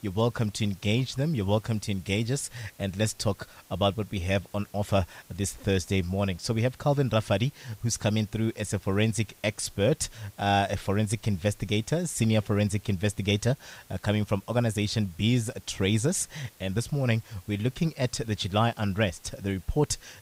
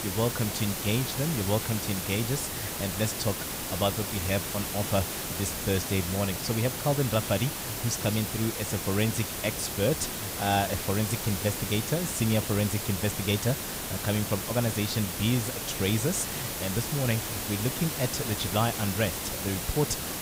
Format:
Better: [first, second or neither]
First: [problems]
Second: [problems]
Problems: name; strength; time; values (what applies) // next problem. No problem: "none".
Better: first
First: hiss; faint; throughout; 25 dB below the speech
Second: hiss; loud; throughout; 2 dB below the speech